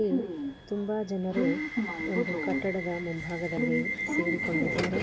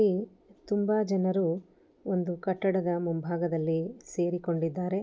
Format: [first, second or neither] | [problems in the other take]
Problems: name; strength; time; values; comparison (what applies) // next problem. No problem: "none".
second | background sound (Subway, metro, underground / Alarm); 1 dB above the speech